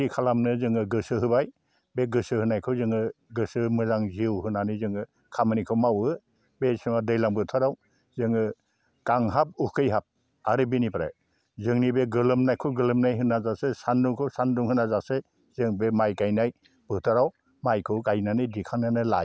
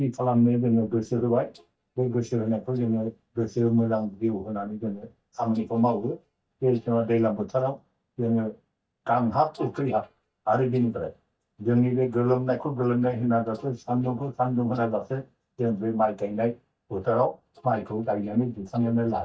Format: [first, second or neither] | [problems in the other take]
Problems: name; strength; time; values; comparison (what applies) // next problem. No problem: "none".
first | noise reduction (neural mask model DeepFilterNet 3)